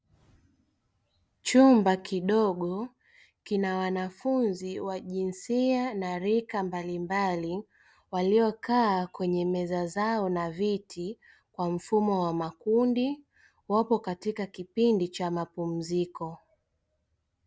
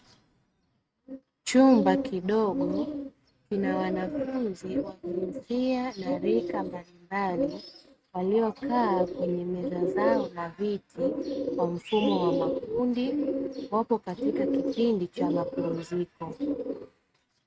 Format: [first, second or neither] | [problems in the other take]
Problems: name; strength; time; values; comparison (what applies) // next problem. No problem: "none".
first | noise reduction (neural mask model RNNoise)